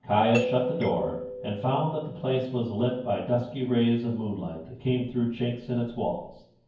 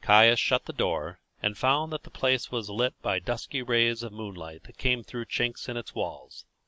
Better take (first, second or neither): second